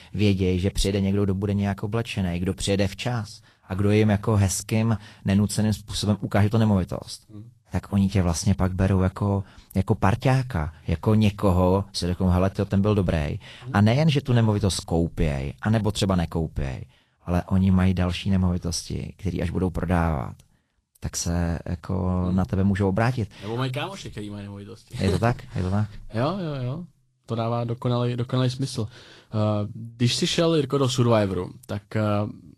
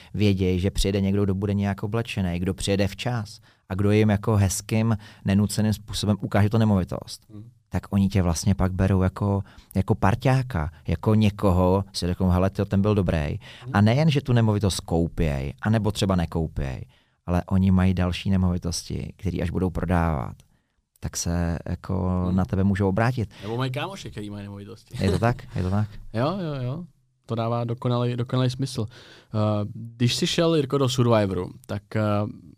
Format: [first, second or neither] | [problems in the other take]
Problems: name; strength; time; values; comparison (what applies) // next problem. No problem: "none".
second | garbled, watery; slightly; nothing above 12.5 kHz